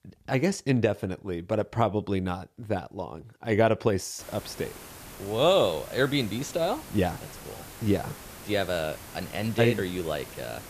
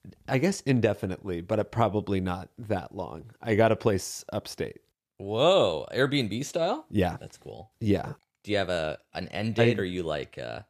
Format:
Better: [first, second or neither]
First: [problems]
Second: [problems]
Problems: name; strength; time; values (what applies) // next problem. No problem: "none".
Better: second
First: hiss; noticeable; from 4 s on; 15 dB below the speech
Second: none